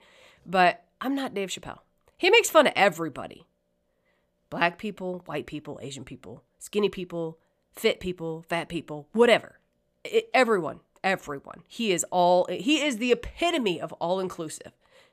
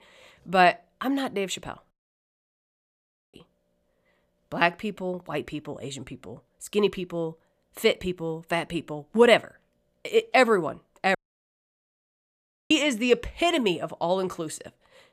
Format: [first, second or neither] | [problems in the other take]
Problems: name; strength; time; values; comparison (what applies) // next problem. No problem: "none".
first | audio cutting out; at 2 s for 1.5 s and at 11 s for 1.5 s